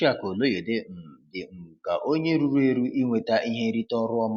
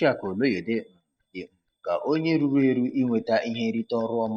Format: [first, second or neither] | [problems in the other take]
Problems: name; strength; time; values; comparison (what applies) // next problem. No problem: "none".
first | noise reduction (neural mask model DeepFilterNet 3)